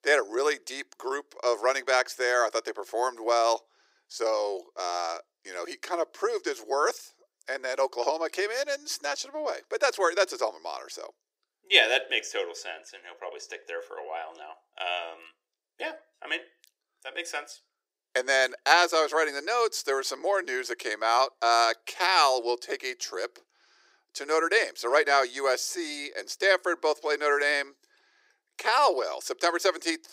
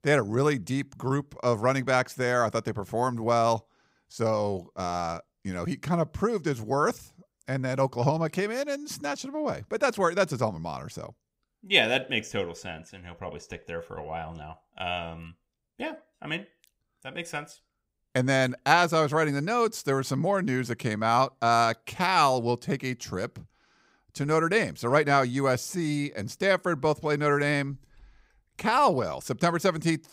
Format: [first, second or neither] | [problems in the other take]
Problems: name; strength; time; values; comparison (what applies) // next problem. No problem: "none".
second | thin; very; fading below 350 Hz